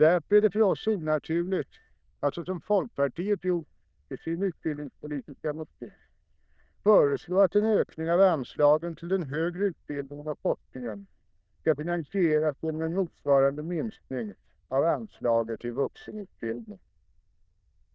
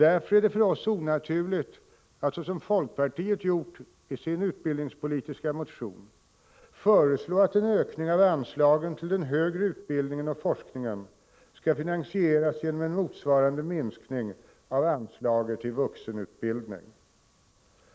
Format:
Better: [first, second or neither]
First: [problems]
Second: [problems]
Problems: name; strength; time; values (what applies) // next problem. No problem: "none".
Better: second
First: noise reduction (neural diffusion model UNIVERSE++)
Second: none